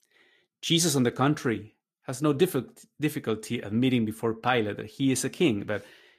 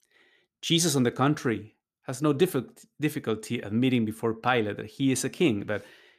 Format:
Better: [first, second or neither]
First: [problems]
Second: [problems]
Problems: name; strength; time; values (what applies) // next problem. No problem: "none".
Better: second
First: garbled, watery; slightly; nothing above 14.5 kHz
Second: none